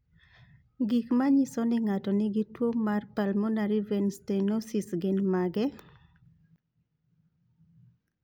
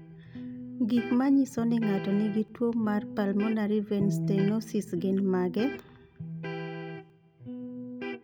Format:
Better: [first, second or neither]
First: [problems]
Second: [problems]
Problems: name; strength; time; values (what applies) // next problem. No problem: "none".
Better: first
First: none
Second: background sound (Electric guitar); 8 dB below the speech